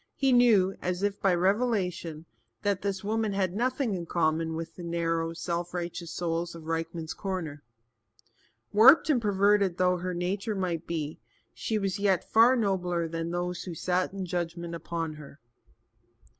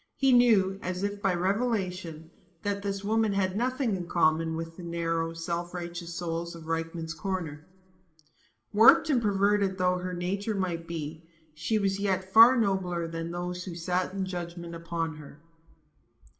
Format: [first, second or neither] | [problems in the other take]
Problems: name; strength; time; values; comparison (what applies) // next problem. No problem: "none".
first | room echo; dies away in 1.3 s